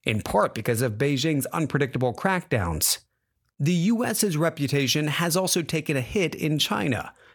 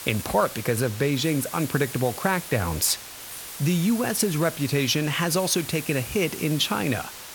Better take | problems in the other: first | hiss; noticeable; throughout; 10 dB below the speech

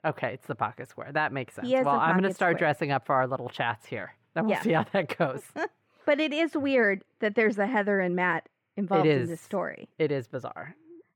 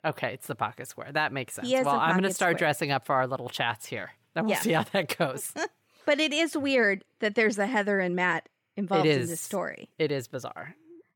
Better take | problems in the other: second | muffled; slightly; fading above 3.5 kHz

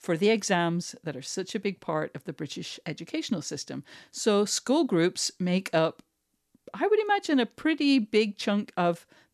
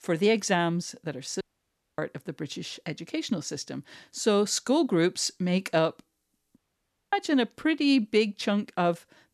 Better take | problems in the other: first | audio cutting out; at 1.5 s for 0.5 s and at 6.5 s for 0.5 s

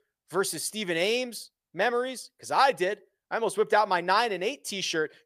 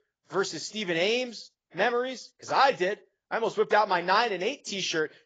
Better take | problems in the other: first | garbled, watery; badly; nothing above 7.5 kHz

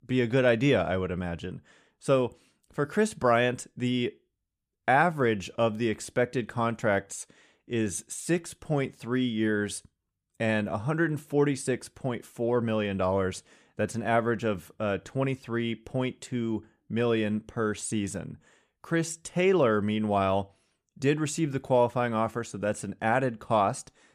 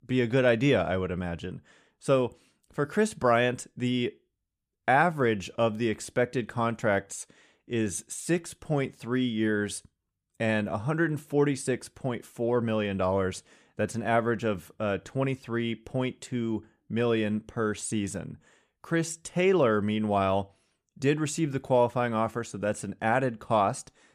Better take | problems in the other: neither | none

